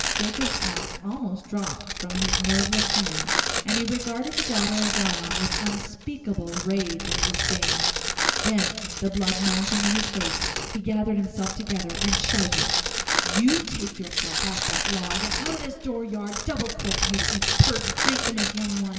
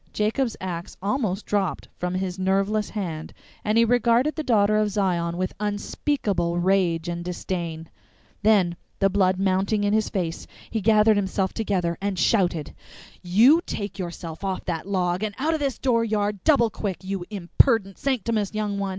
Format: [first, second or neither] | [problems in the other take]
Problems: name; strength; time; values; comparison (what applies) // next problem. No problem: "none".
second | background sound (Tearing); 1 dB above the speech // room echo; dies away in 2.3 s